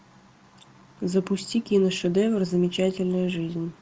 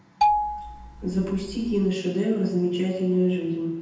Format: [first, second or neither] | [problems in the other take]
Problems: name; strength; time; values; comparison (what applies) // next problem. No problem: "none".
first | background sound (Marimba, xylophone); 2 dB below the speech // room echo; dies away in 0.8 s